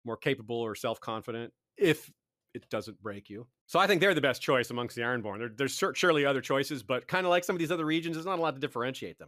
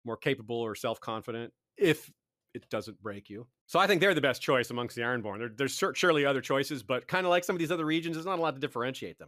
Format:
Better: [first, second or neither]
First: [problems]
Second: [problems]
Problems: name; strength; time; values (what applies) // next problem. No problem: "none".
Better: neither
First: none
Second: none